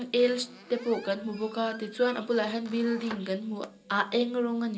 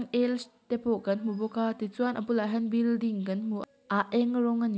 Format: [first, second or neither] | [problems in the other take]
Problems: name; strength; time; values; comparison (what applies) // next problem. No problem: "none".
second | background sound (Squeak); 18 dB below the speech // room echo; dies away in 0.2 s